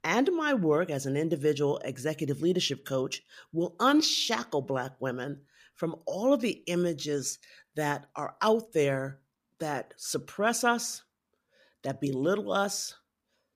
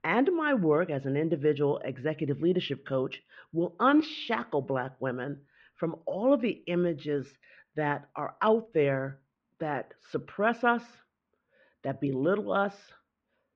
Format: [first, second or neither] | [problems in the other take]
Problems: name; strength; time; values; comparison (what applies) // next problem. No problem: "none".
first | muffled; very; fading above 2.5 kHz